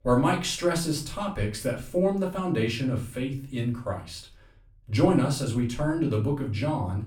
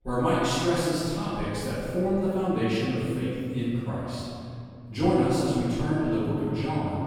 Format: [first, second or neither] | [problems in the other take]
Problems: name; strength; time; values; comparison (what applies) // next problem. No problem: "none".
first | room echo; strong; dies away in 2.3 s; slight in the first // off-mic speech; far; far in the first